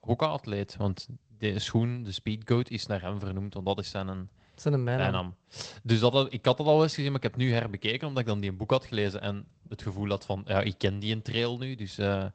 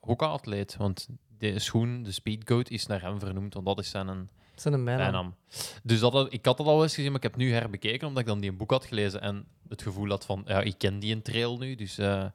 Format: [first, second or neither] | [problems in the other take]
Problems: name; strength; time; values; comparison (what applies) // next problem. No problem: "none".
second | garbled, watery; slightly; nothing above 8 kHz